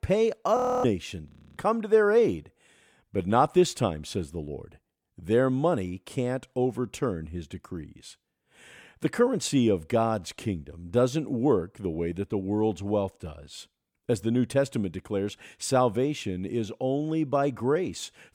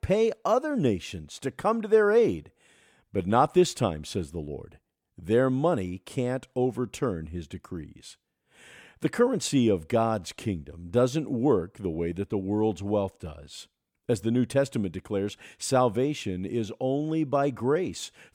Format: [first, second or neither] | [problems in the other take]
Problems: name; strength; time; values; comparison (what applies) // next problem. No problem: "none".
second | audio freezing; at 0.5 s and at 1.5 s